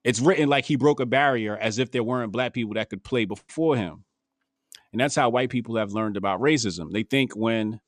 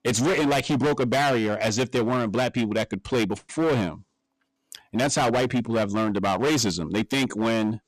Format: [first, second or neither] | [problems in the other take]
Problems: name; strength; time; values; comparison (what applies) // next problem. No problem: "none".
first | distortion; heavy; 21% of the sound clipped